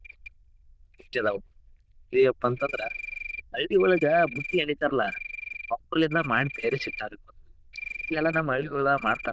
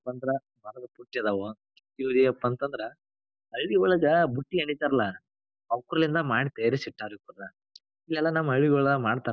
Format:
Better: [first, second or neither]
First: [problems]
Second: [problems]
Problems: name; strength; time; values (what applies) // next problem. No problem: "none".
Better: second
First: noise reduction (neural diffusion model UNIVERSE++)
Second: none